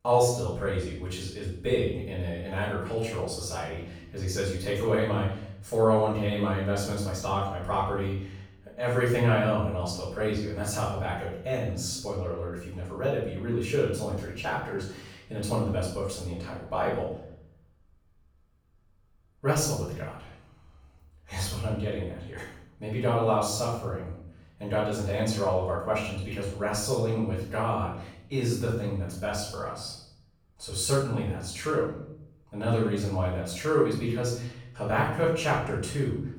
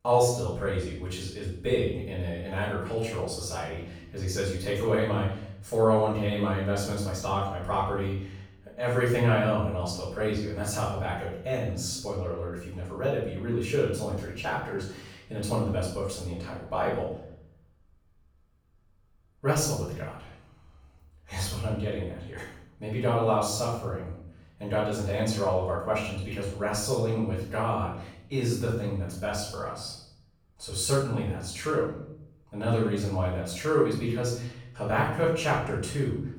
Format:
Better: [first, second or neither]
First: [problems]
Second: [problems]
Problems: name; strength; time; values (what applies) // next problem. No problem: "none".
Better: neither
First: off-mic speech; far // room echo; noticeable; dies away in 0.6 s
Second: off-mic speech; far // room echo; noticeable; dies away in 0.6 s